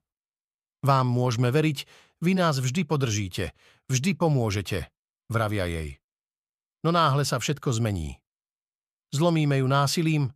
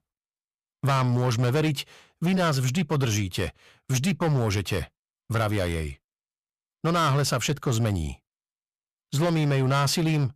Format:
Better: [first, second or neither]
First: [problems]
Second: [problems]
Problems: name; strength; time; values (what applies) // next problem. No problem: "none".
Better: first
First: none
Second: distortion; slight; 13% of the sound clipped